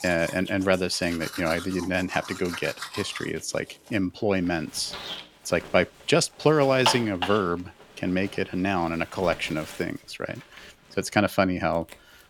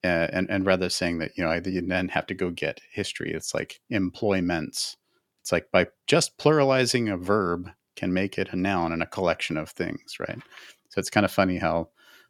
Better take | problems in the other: second | household noises; loud; throughout; 9 dB below the speech

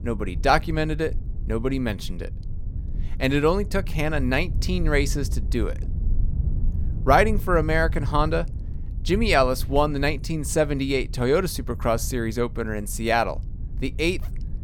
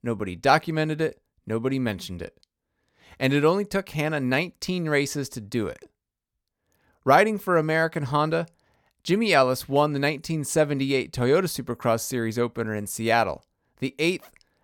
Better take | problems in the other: second | low rumble; faint; throughout; 25 dB below the speech

